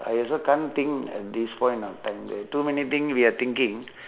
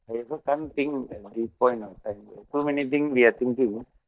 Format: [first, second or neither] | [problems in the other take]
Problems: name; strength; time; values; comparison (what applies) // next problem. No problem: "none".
first | noise reduction (neural mask model DeepFilterNet 3)